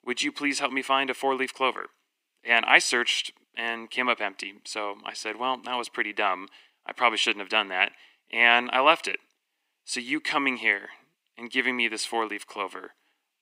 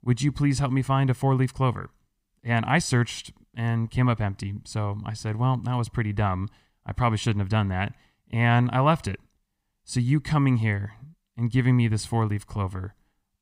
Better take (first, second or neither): second